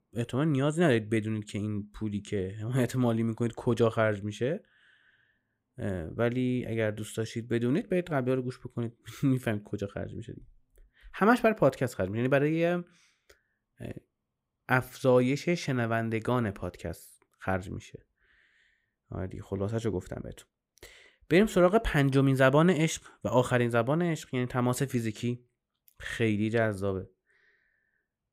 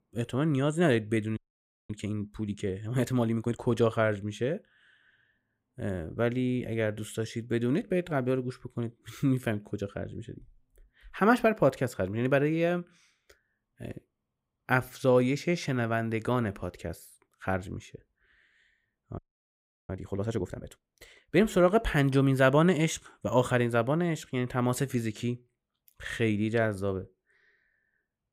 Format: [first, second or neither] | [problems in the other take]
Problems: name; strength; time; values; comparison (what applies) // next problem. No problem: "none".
first | audio freezing; at 1.5 s for 0.5 s and at 19 s for 0.5 s